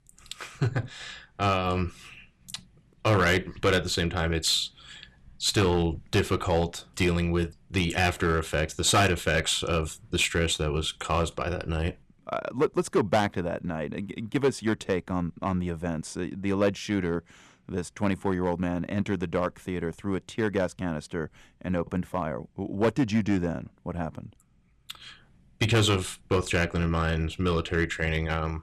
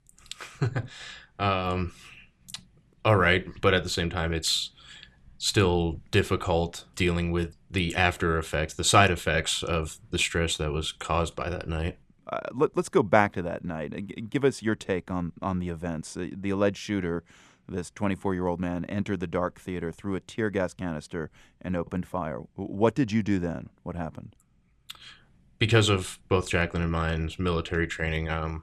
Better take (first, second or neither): second